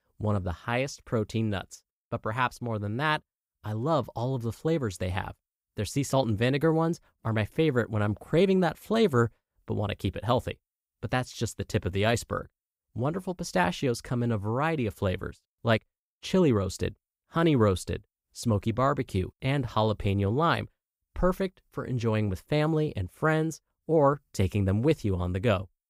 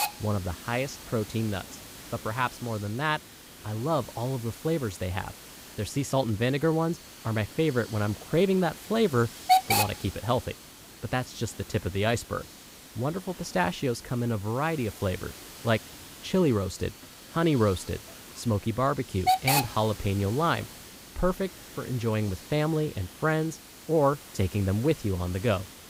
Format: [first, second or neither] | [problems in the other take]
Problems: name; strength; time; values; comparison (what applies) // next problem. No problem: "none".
first | hiss; loud; throughout; 7 dB below the speech